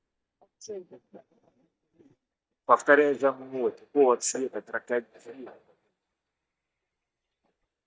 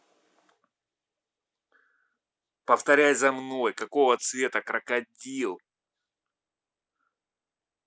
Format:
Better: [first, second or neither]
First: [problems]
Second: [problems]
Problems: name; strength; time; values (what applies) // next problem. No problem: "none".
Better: second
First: noise reduction (neural mask model DeepFilterNet 3)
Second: none